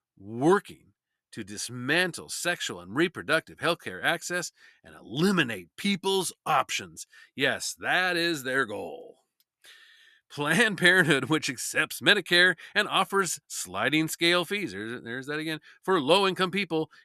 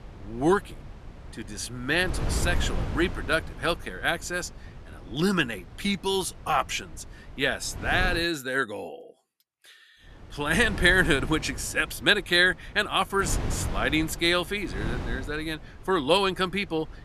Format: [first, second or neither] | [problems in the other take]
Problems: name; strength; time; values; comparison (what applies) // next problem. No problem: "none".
first | wind noise on the microphone; occasional gusts; until 8 s and from 10 s on; 20 dB below the speech